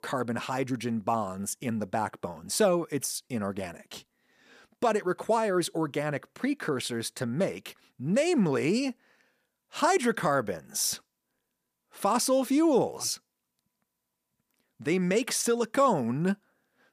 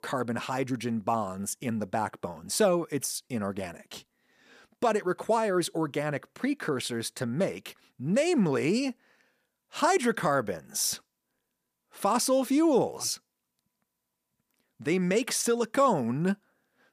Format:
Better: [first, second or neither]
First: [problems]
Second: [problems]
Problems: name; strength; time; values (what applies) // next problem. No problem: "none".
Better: neither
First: none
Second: none